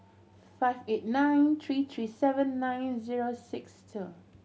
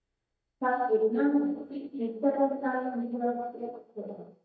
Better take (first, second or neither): first